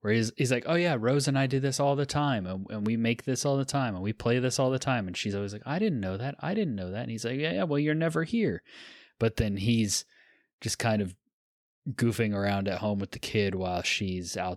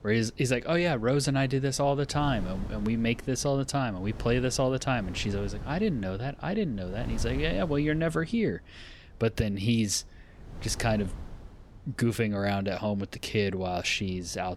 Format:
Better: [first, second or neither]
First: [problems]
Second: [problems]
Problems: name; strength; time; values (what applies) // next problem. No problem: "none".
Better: first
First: none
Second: wind noise on the microphone; occasional gusts; 20 dB below the speech